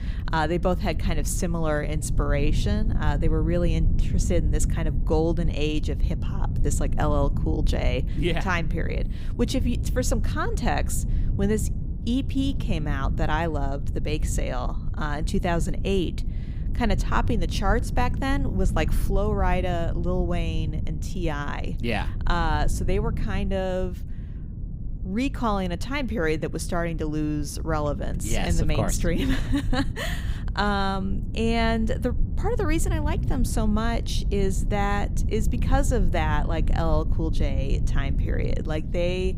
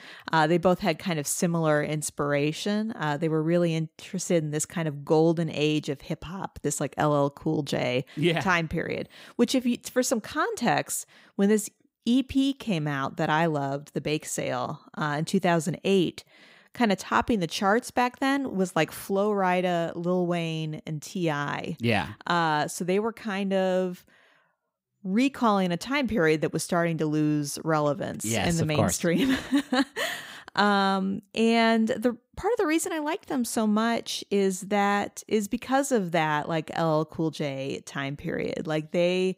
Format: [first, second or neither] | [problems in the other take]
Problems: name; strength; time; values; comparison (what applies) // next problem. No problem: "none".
second | low rumble; noticeable; throughout; 15 dB below the speech